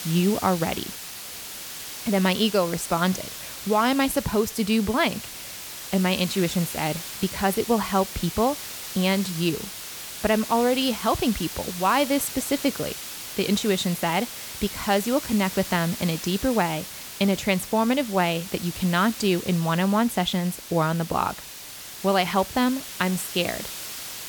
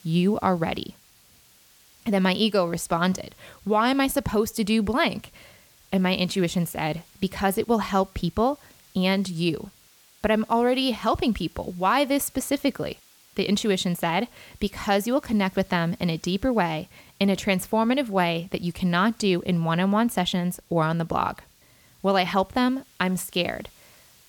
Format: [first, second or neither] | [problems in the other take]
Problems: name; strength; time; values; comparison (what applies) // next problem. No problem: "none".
second | hiss; loud; throughout; 9 dB below the speech; faint in the second